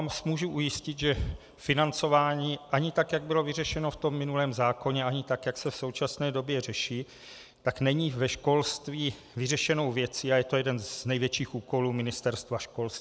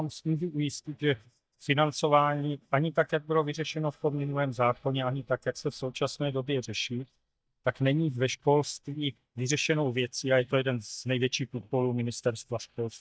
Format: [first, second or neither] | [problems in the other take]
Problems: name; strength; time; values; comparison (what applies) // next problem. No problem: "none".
first | noise reduction (neural mask model DeepFilterNet 3)